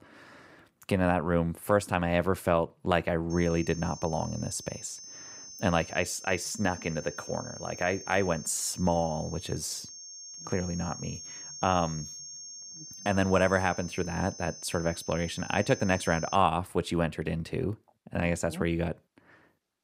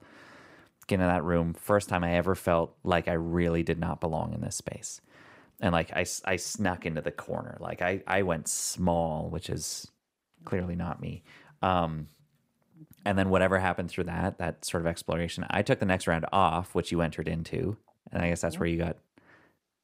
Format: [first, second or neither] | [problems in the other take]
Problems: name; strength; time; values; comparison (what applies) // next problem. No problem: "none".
second | high-pitched whine; noticeable; from 3.5 to 16 s; 6.5 kHz, 10 dB below the speech